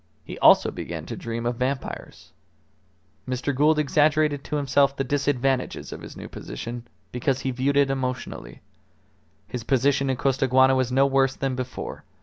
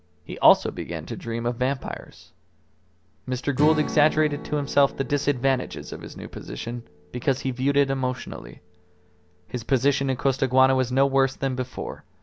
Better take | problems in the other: first | background sound (Strum); 15 dB below the speech

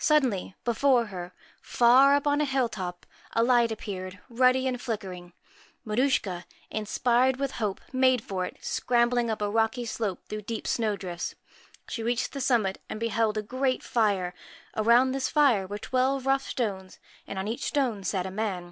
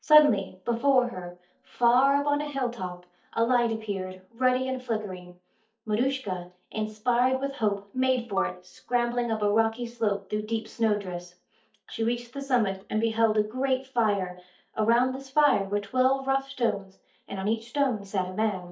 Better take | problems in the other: first | noise reduction (neural mask model DeepFilterNet 3)

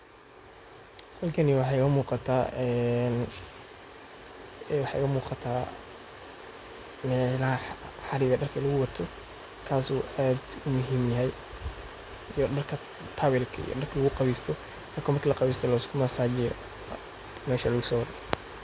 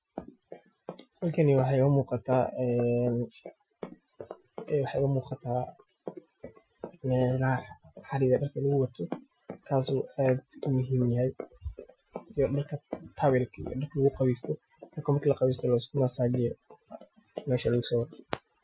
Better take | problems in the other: first | noise reduction (classical method Wiener filter)

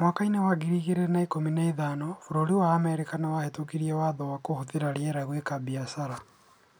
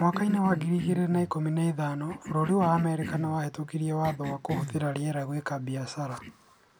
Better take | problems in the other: first | background sound (Cough); 11 dB below the speech

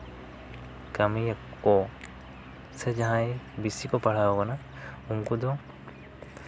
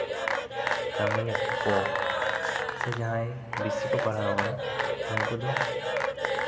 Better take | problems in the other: first | background sound (Applause / Cheering / Clapping); 4 dB above the speech // room echo; dies away in 2.1 s

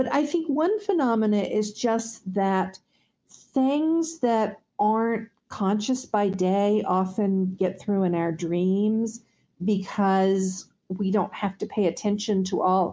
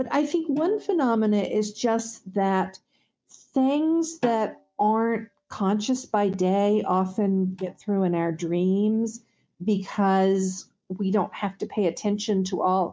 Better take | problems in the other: first | noise reduction (neural mask model DeepFilterNet 3)

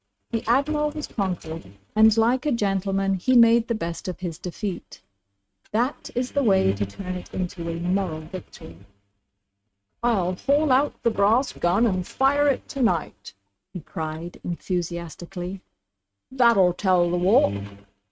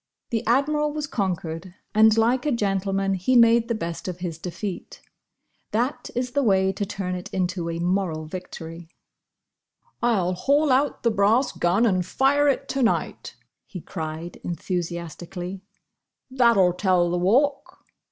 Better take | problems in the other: second | noise reduction (neural mask model RNNoise)

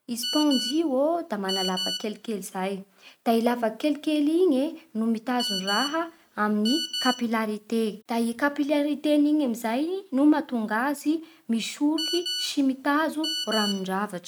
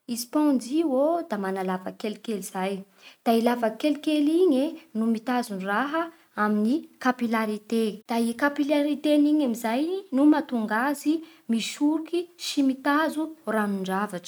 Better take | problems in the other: second | background sound (Telephone); 7 dB below the speech

